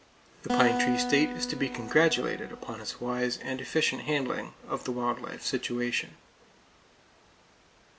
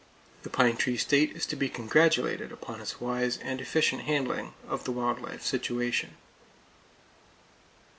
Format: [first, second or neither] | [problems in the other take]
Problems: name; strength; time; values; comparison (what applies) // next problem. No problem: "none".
second | background sound (Acoustic guitar); 4 dB below the speech